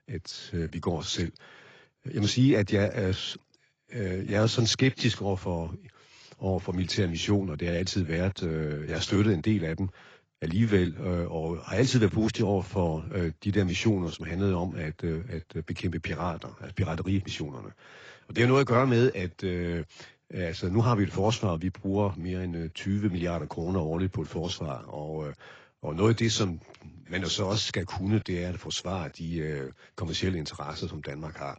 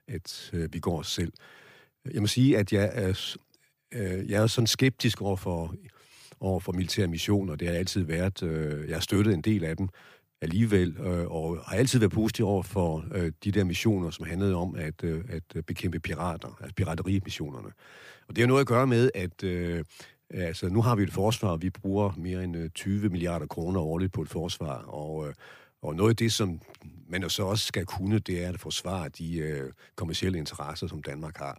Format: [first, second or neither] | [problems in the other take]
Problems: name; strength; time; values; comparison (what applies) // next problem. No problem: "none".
second | garbled, watery; badly; nothing above 7.5 kHz